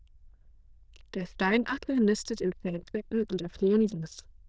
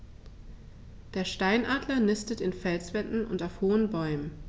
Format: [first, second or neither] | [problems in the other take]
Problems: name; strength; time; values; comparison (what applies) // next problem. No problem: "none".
second | noise reduction (neural diffusion model UNIVERSE++)